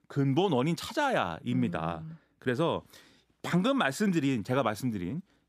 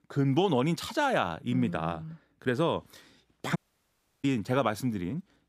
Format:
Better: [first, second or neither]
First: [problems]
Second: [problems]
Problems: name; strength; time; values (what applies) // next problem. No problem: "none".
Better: first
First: none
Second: audio cutting out; at 3.5 s for 0.5 s